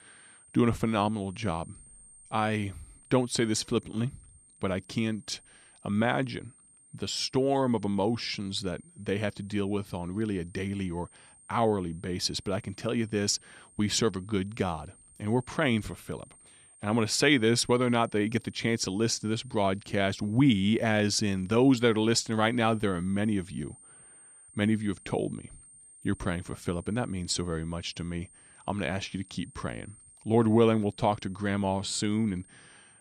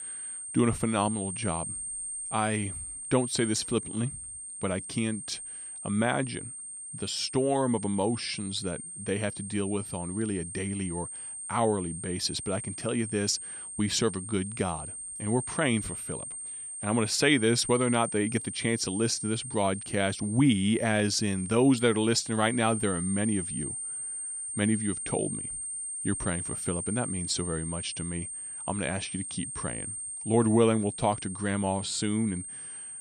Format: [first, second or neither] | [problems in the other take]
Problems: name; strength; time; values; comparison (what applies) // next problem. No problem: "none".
first | high-pitched whine; loud; throughout; 8.5 kHz, 6 dB below the speech; faint in the first